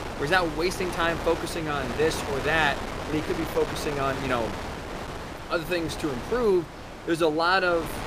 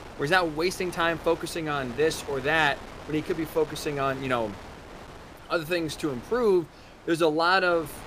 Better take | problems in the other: second | wind noise on the microphone; heavy; 8 dB below the speech; occasional gusts in the second

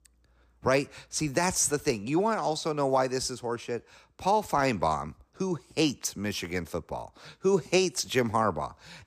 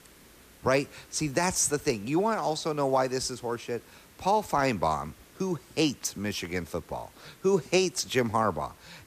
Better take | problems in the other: first | hiss; faint; throughout; 25 dB below the speech

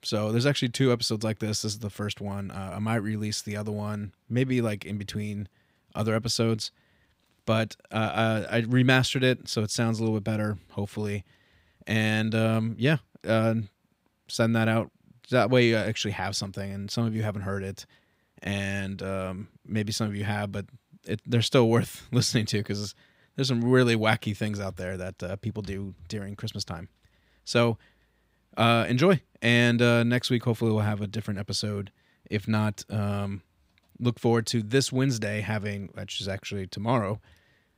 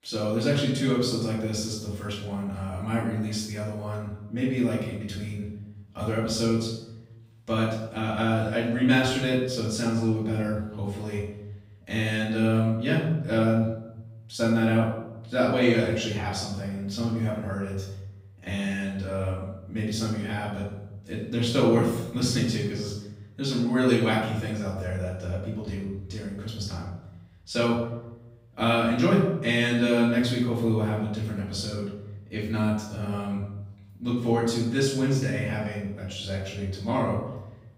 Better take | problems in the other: first | off-mic speech; far // room echo; noticeable; dies away in 0.8 s

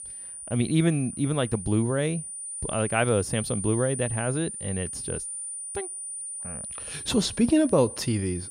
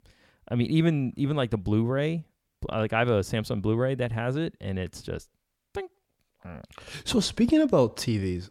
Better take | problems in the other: second | high-pitched whine; loud; throughout; 9.5 kHz, 8 dB below the speech

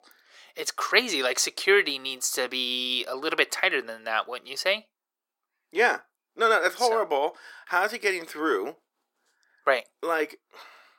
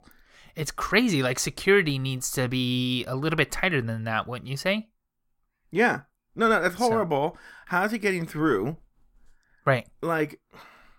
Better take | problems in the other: second | thin; very; fading below 350 Hz

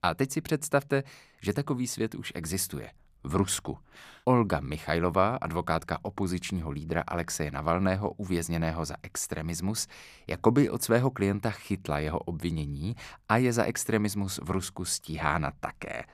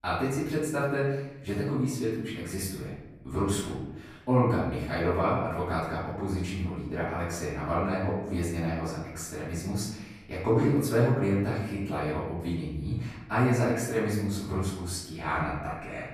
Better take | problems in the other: first | off-mic speech; far // room echo; noticeable; dies away in 1 s

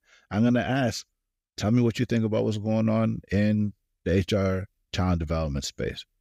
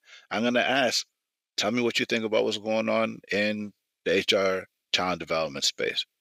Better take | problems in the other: first | thin; somewhat; fading below 400 Hz

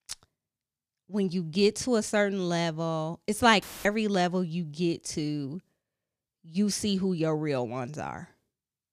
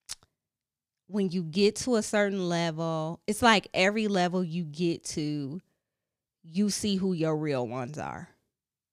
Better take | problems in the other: second | audio cutting out; filled with static; at 3.5 s

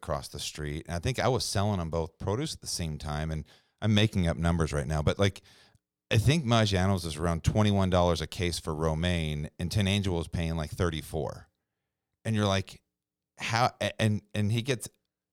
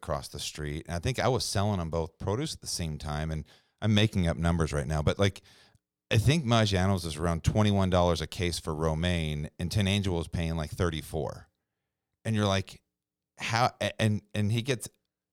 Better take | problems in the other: neither | none

